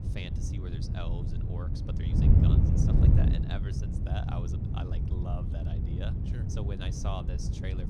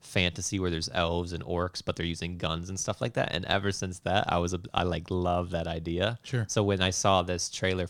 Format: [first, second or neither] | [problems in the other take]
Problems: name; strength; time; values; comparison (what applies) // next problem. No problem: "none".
second | wind noise on the microphone; heavy; 3 dB above the speech